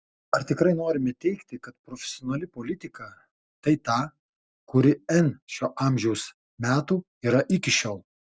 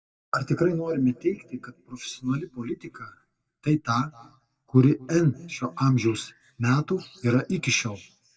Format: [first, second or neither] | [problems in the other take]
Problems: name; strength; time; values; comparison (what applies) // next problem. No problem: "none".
first | noise reduction (neural mask model DeepFilterNet 3)